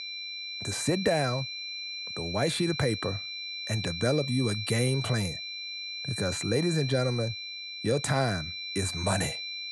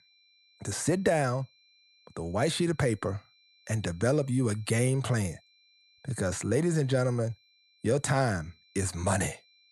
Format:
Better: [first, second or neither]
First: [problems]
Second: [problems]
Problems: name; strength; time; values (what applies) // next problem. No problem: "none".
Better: second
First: high-pitched whine; loud; throughout; 4 kHz, 5 dB below the speech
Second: high-pitched whine; faint; throughout; 4 kHz, 30 dB below the speech